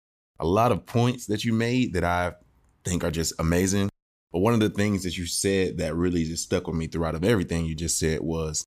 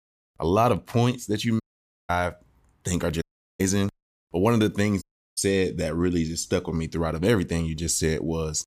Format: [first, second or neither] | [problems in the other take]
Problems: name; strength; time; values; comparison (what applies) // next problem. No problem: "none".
first | audio cutting out; at 1.5 s, at 3 s and at 5 s